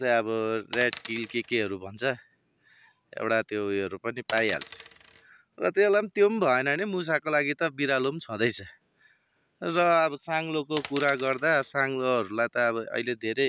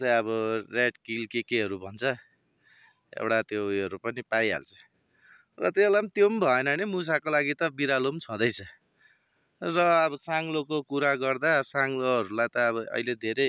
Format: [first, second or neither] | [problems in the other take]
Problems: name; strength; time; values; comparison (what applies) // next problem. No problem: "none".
second | background sound (Coin (dropping)); 15 dB below the speech